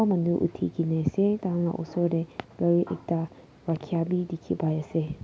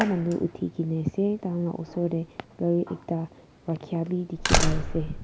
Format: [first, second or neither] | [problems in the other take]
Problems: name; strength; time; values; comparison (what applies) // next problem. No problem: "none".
first | background sound (Slam); 3 dB below the speech